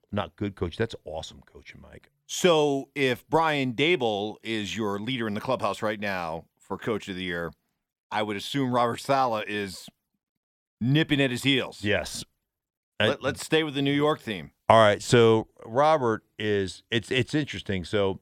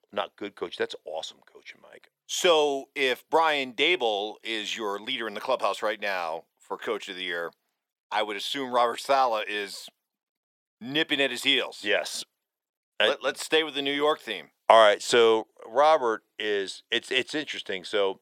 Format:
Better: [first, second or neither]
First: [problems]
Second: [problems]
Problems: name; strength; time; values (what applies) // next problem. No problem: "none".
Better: first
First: none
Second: thin; somewhat; fading below 500 Hz